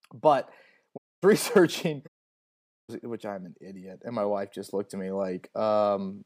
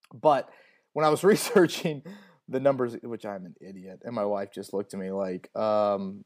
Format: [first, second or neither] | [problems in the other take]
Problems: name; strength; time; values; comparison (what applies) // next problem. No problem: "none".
second | audio cutting out; at 1 s and at 2 s for 1 s